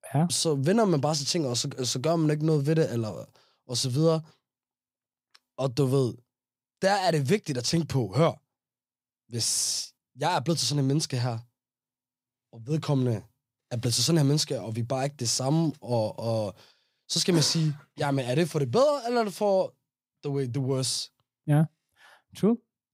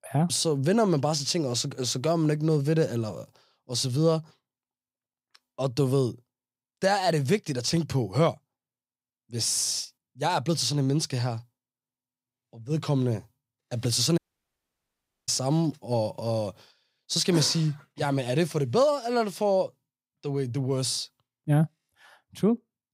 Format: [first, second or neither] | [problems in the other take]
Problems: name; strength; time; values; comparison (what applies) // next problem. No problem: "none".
first | audio cutting out; at 14 s for 1 s